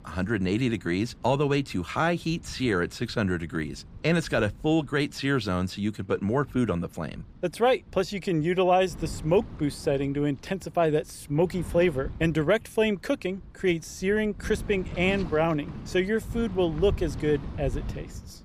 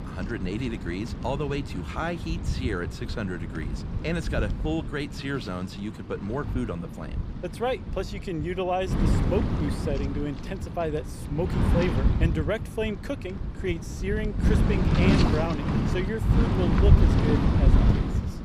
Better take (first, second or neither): first